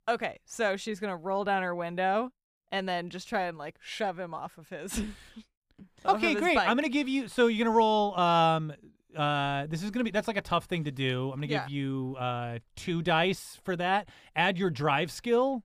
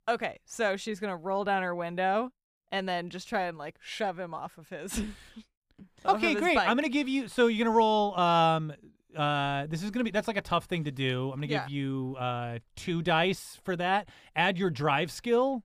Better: neither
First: none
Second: none

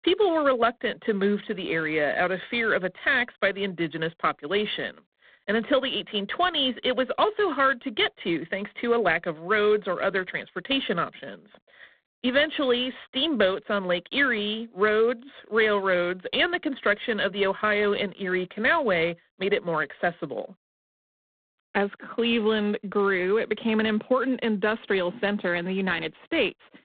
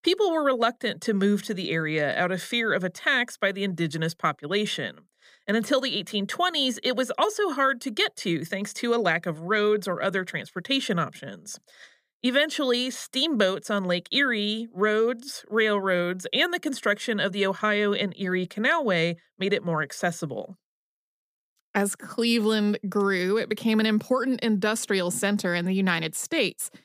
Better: second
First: phone-call audio; poor line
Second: none

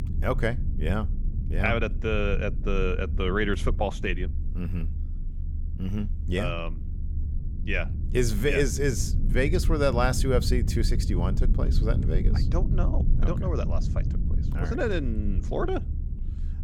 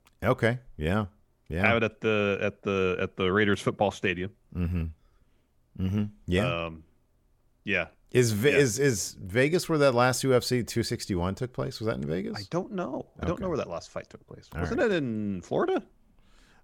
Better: second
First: low rumble; noticeable; throughout; 15 dB below the speech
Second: none

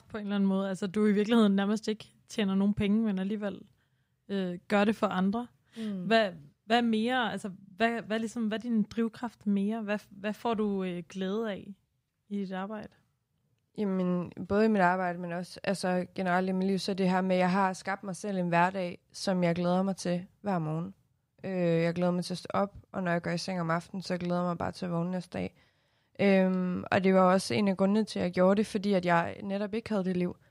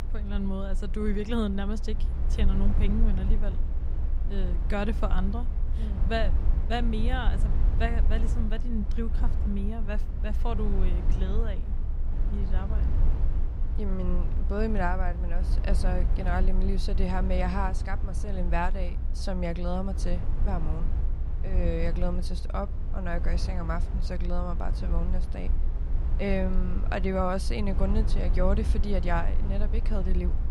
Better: first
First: none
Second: low rumble; noticeable; throughout; 10 dB below the speech

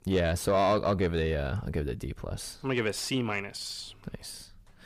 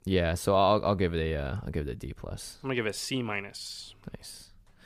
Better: second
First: distortion; slight; 10 dB below the speech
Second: none

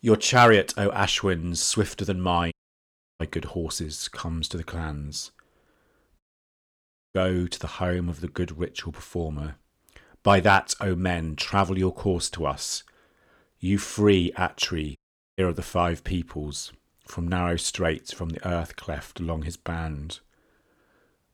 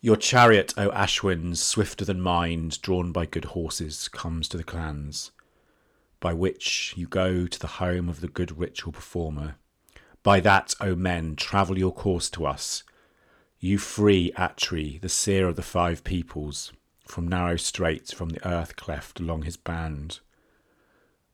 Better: second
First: audio cutting out; at 2.5 s for 0.5 s, at 6 s for 1 s and at 15 s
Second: none

